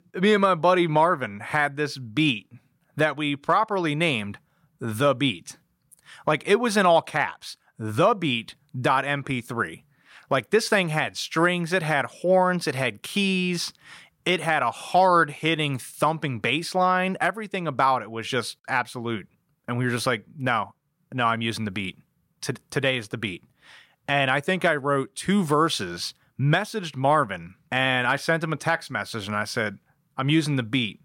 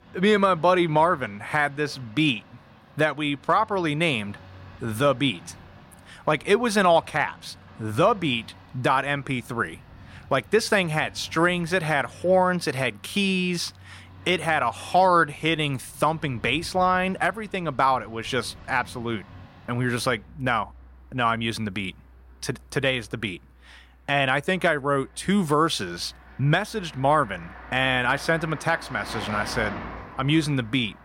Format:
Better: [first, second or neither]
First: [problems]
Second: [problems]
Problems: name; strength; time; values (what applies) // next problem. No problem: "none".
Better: first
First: none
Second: traffic noise; faint; throughout; 20 dB below the speech